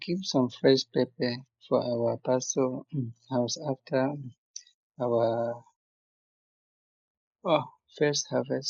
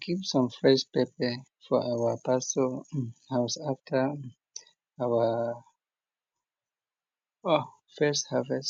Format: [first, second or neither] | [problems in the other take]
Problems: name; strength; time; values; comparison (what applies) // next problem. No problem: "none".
second | noise reduction (neural mask model Resemble Enhance denoiser)